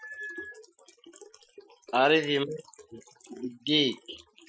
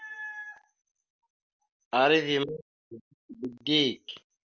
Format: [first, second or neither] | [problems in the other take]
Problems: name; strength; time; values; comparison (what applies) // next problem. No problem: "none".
second | noise reduction (classical method Wiener filter)